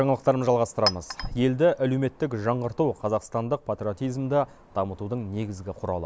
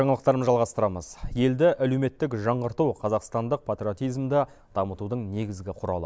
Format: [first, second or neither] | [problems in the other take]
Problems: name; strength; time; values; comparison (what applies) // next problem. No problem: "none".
second | background sound (Chink, clink); 15 dB below the speech